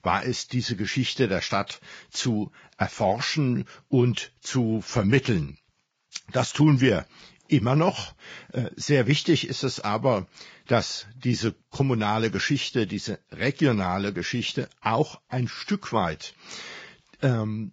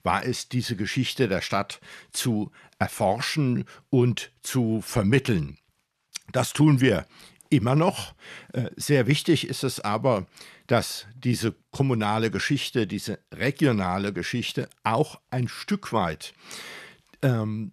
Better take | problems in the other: second | garbled, watery; badly; nothing above 7.5 kHz

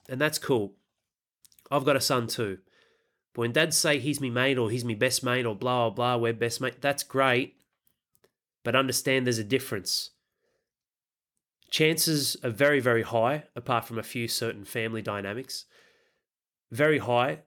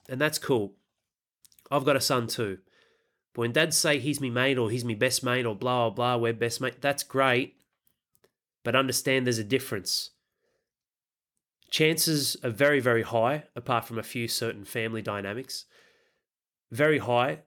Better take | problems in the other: neither | none

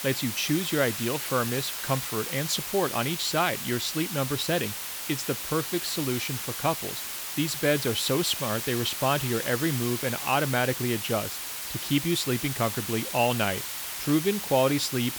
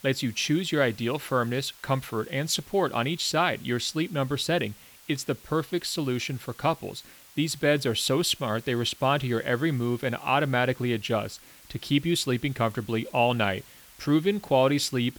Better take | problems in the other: second | hiss; loud; throughout; 4 dB below the speech; faint in the second

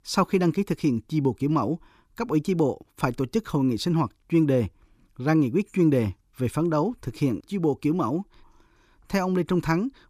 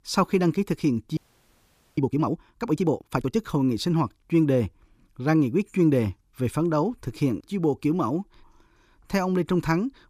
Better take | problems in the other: first | audio freezing; at 1 s for 1 s

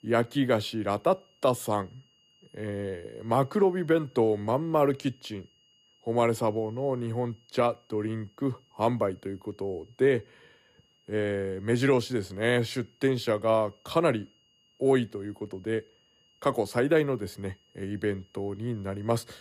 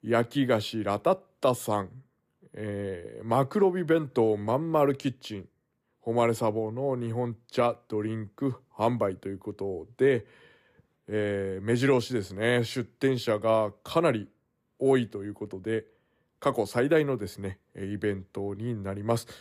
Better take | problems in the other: second | high-pitched whine; faint; throughout; 3 kHz, 35 dB below the speech

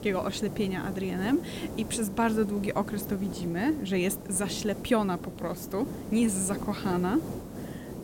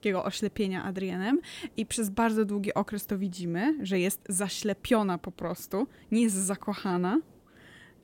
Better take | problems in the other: second | hiss; loud; throughout; 9 dB below the speech; faint in the second

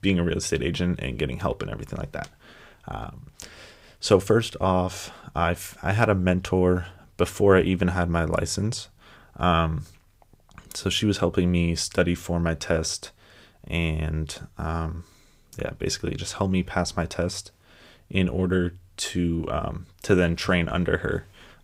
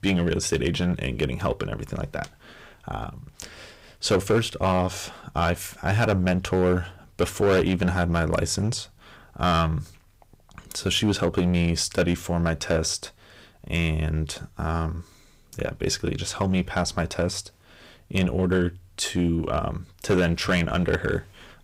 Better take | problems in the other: first | distortion; slight; 5% of the sound clipped

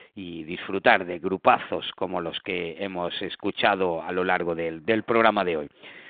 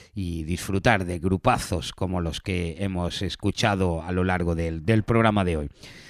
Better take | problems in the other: second | phone-call audio; nothing above 3.5 kHz

